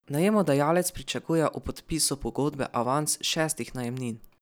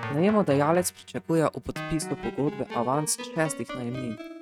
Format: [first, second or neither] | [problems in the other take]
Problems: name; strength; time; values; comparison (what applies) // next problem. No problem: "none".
first | noise reduction (neural mask model RNNoise)